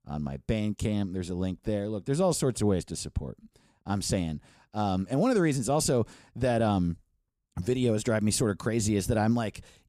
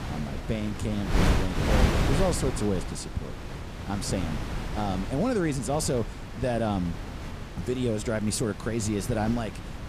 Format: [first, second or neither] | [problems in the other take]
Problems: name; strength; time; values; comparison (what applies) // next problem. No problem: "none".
first | wind noise on the microphone; heavy; 4 dB below the speech